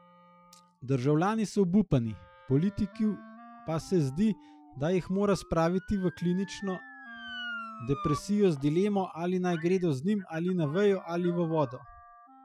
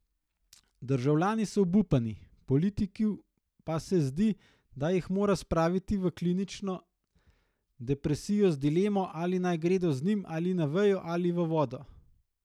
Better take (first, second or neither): second